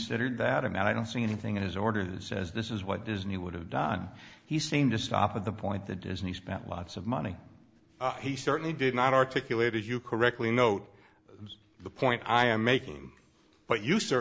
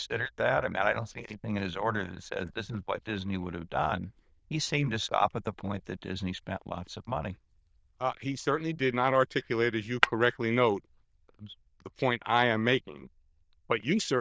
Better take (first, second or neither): first